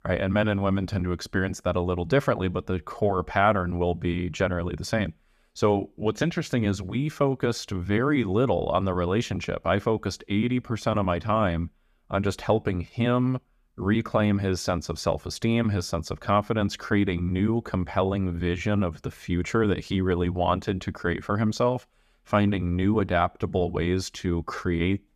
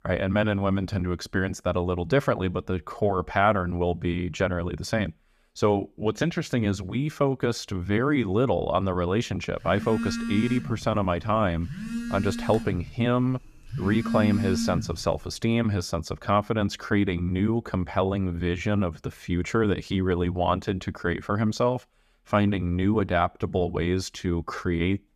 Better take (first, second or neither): first